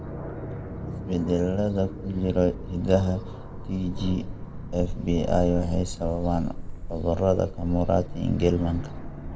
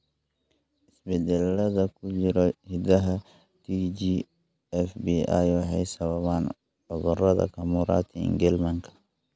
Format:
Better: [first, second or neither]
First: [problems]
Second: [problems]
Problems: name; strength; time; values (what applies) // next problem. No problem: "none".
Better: second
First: background sound (Aircraft); 7 dB below the speech // room echo; dies away in 1.3 s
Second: none